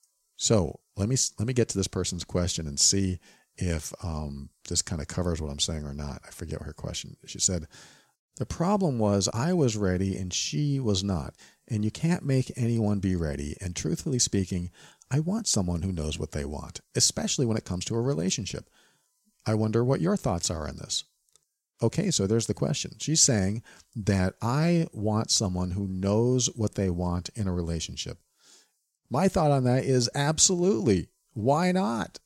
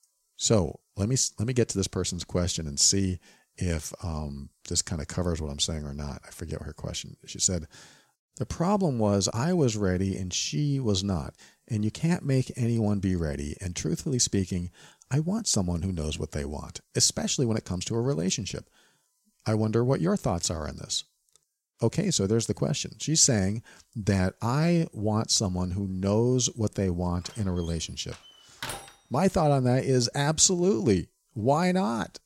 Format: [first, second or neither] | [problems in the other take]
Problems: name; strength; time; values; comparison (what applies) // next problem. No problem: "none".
first | door banging; noticeable; from 27 to 29 s; peak 10 dB below the speech